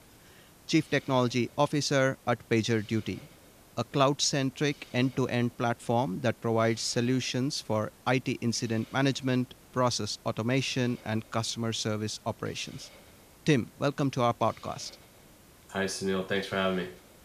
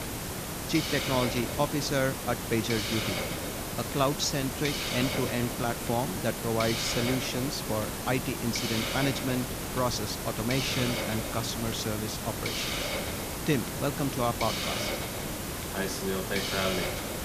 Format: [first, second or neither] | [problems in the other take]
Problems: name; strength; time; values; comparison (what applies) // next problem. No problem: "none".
first | hiss; loud; throughout; 1 dB below the speech; faint in the first